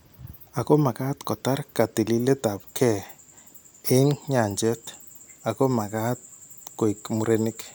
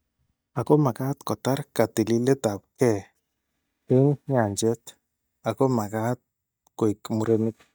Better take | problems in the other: first | noise reduction (neural mask model DeepFilterNet 3)

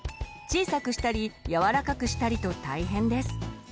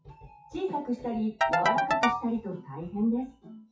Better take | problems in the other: first | noise reduction (classical method WPE with log-MMSE)

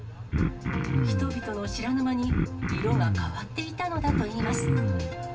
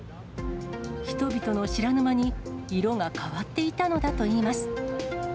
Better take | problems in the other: second | background sound (Cough); 3 dB above the speech // room echo; dies away in 0.2 s

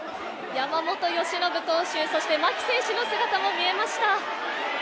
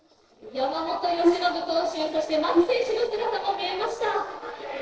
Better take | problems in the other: first | noise reduction (neural separator model SepFormer DNS4)

